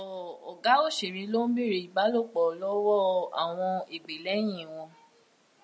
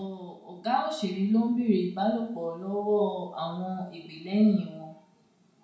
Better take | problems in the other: first | room echo; dies away in 0.6 s

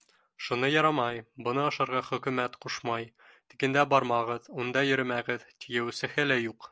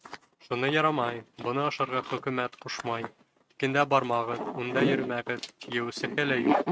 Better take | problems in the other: first | noise reduction (neural mask model RNNoise)

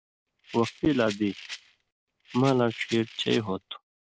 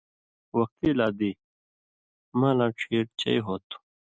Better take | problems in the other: second | background sound (Rattle); 15 dB below the speech

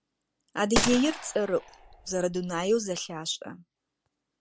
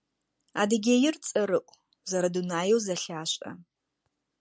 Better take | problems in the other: second | background sound (Gunshot, gunfire); 4 dB below the speech

